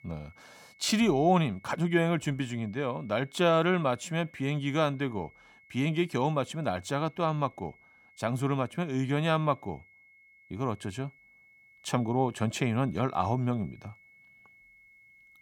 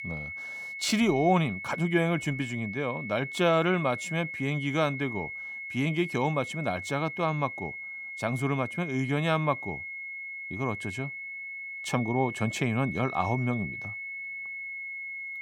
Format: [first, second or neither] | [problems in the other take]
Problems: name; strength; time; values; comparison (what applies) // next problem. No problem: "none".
first | high-pitched whine; loud; throughout; 2 kHz, 7 dB below the speech; faint in the first